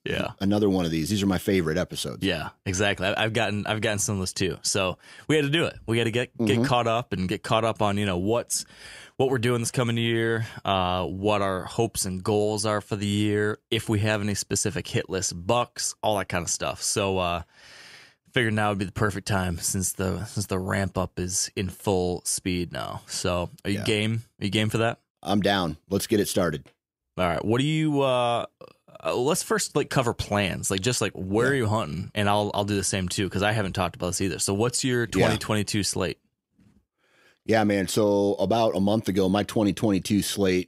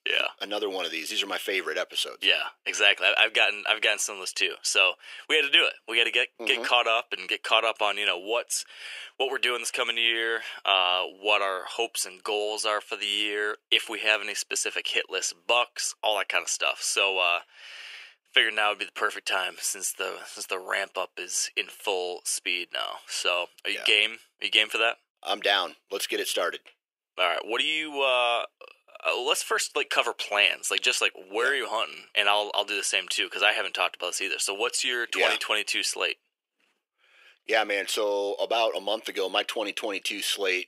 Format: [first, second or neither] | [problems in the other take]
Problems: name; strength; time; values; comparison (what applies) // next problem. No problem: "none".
first | thin; very; fading below 450 Hz